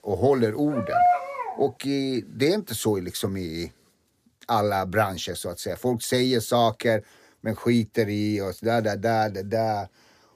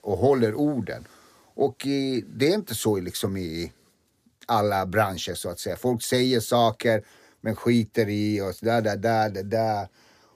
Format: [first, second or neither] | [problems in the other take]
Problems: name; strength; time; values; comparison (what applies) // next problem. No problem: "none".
second | dog barking; loud; at 0.5 s; peak 4 dB above the speech